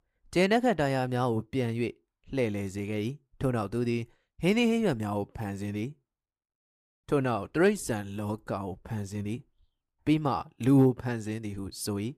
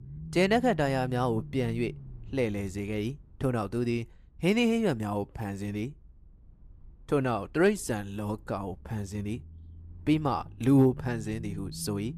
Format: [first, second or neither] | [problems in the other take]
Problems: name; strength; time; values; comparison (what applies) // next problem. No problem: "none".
first | low rumble; faint; throughout; 25 dB below the speech